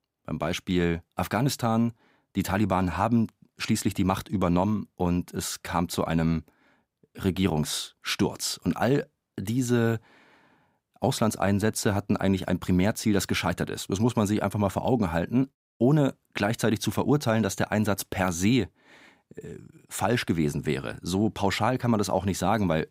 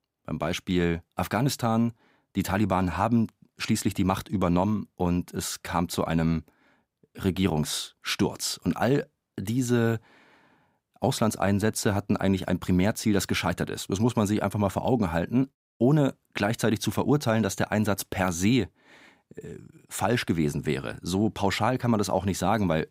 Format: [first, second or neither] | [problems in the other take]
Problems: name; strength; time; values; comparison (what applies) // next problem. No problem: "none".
neither | none